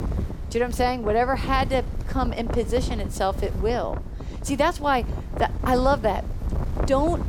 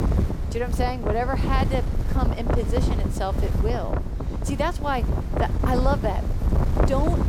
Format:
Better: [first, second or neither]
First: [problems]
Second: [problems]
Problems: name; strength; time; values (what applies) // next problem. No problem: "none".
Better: first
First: wind noise on the microphone; occasional gusts; 15 dB below the speech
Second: wind noise on the microphone; heavy; 5 dB below the speech